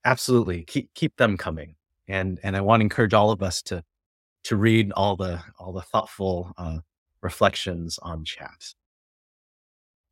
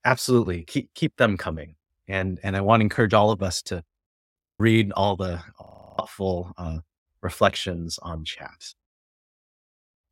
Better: first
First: none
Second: audio freezing; at 4.5 s and at 5.5 s

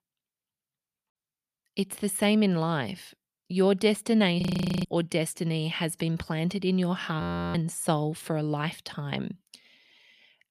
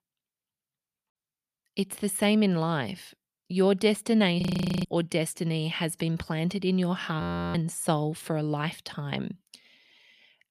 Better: neither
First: audio freezing; at 4.5 s and at 7 s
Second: audio freezing; at 4.5 s and at 7 s

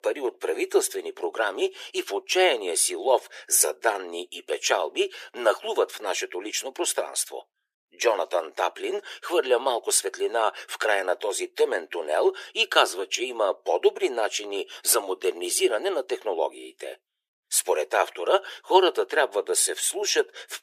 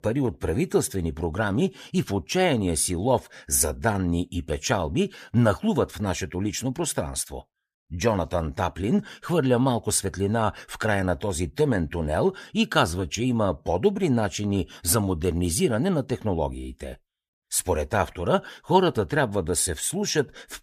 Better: second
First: thin; very; fading below 350 Hz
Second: none

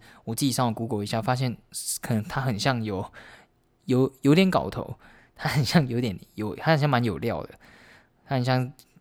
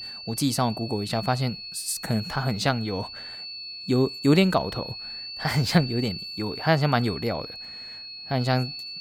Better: first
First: none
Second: high-pitched whine; loud; throughout; 4.5 kHz, 10 dB below the speech

